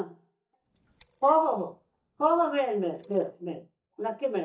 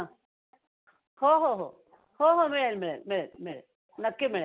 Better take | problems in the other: second | noise reduction (neural mask model DeepFilterNet 3)

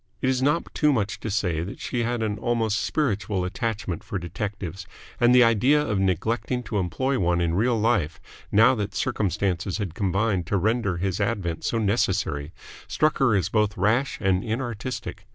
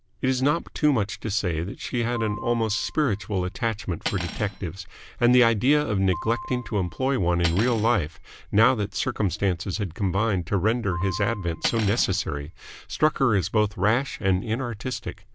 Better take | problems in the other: first | background sound (Cutlery, silverware + Piano); 14 dB below the speech

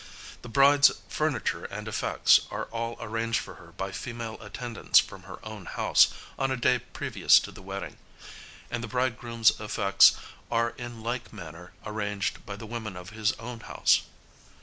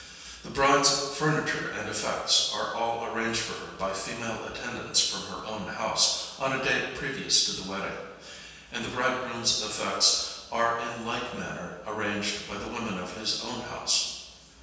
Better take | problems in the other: first | room echo; dies away in 1.2 s

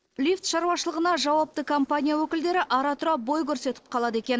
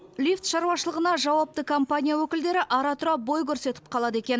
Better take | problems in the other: second | noise reduction (neural separator model SepFormer DNS4)

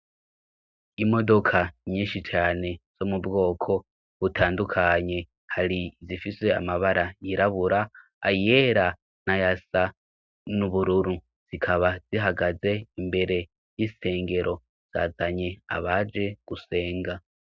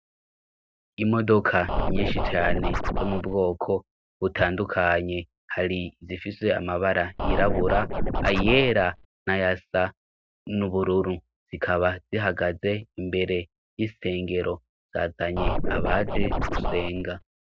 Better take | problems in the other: first | background sound (Scratching (performance technique)); 1 dB above the speech

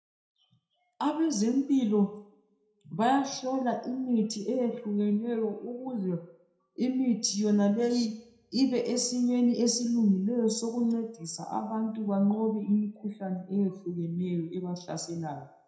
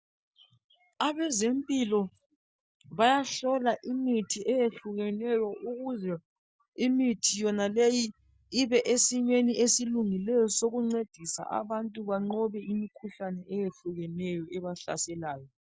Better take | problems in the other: second | room echo; dies away in 0.5 s

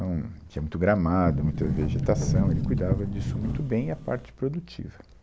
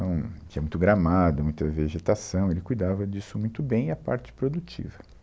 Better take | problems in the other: second | background sound (Sliding door); as loud as the speech

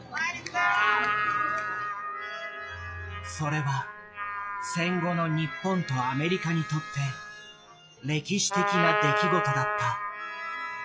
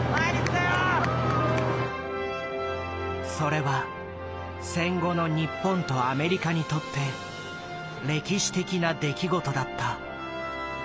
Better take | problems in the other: second | noise reduction (classical method log-MMSE)

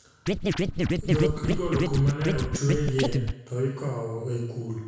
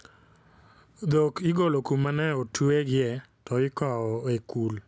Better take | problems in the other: second | background sound (Scratching (performance technique)); 2 dB above the speech // room echo; dies away in 1 s

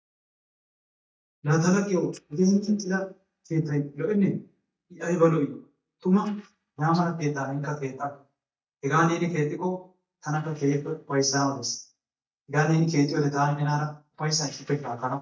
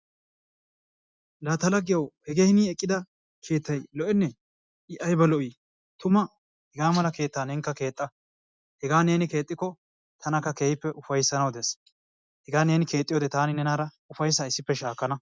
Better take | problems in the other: second | noise reduction (neural mask model DeepFilterNet 3)

